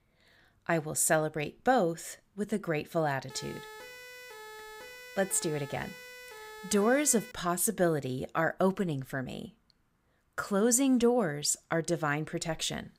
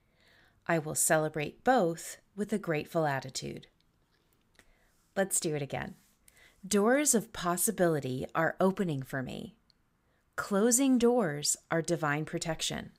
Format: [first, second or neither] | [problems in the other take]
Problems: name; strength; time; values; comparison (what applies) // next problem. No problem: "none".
second | siren; faint; from 3.5 to 7.5 s; peak 15 dB below the speech